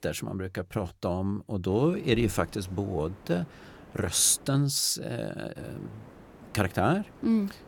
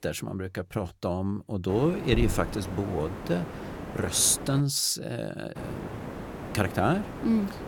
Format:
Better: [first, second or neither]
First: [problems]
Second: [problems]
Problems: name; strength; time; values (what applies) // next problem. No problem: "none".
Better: first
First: hiss; faint; from 1.5 to 4.5 s and from 5.5 s on; 20 dB below the speech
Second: hiss; loud; from 1.5 to 4.5 s and from 5.5 s on; 10 dB below the speech